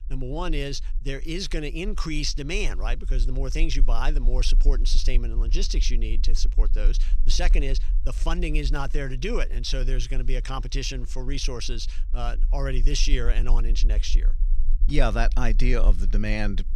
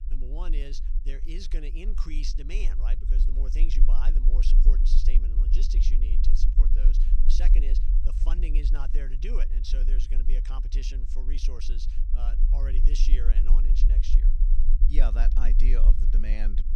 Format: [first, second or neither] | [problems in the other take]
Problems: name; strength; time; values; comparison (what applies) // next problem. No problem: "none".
first | low rumble; loud; throughout; 7 dB below the speech; faint in the first